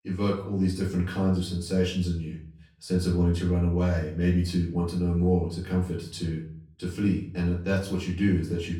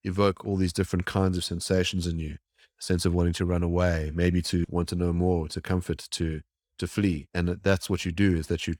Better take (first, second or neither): second